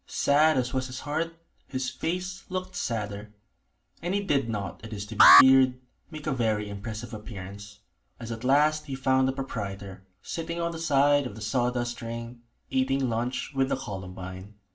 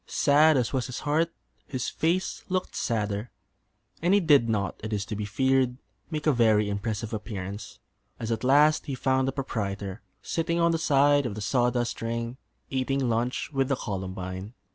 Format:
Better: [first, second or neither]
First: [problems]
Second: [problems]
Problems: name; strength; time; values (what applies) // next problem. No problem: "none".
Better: second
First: background sound (Alarm); 4 dB above the speech // room echo; dies away in 0.3 s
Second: none